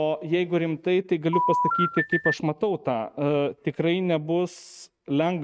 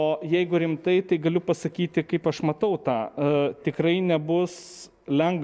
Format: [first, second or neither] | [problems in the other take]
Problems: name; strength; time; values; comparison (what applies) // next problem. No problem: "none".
second | noise reduction (neural mask model RNNoise)